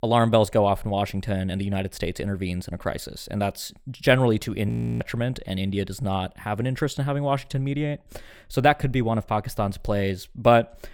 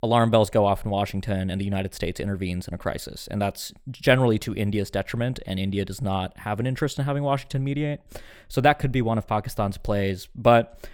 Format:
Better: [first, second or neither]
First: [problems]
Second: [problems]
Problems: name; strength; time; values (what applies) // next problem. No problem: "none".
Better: second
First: audio freezing; at 4.5 s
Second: none